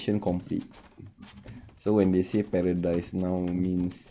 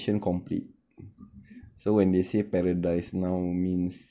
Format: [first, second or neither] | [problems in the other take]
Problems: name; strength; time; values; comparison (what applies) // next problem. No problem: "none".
second | background sound (Run); 20 dB below the speech